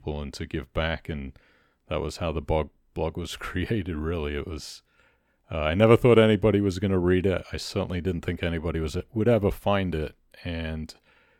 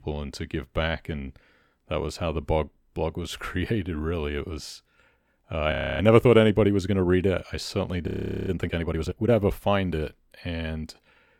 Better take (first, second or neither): first